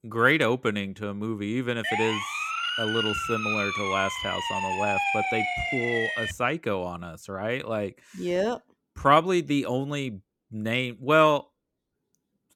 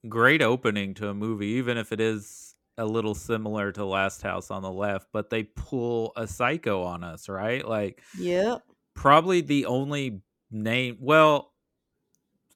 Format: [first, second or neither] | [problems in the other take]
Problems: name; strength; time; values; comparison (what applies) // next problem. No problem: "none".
second | siren; loud; from 2 to 6.5 s; peak 2 dB above the speech